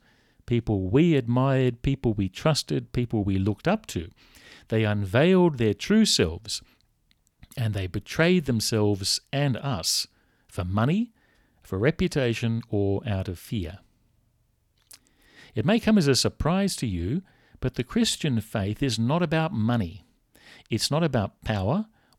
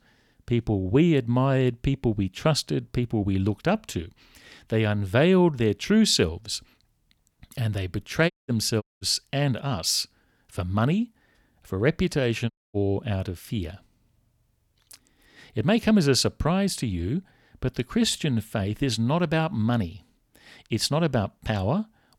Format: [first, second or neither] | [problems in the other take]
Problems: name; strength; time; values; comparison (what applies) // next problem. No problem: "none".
first | audio cutting out; at 8.5 s, at 9 s and at 13 s